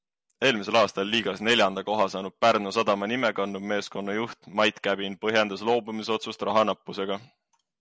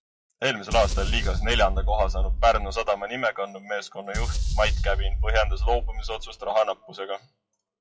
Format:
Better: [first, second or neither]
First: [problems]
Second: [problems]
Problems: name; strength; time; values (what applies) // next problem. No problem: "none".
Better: first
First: none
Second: noise reduction (classical method WPE with log-MMSE)